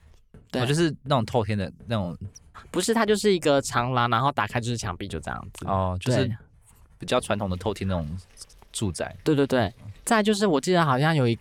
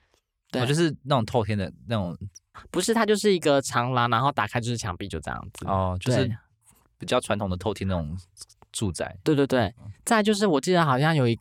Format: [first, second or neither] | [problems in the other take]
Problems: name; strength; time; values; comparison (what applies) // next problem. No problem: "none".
second | household noises; faint; throughout; 30 dB below the speech